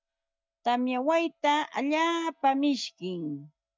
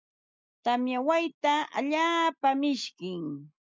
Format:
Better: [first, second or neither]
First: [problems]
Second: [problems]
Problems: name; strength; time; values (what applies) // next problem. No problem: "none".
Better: second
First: noise reduction (neural mask model DeepFilterNet 3)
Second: none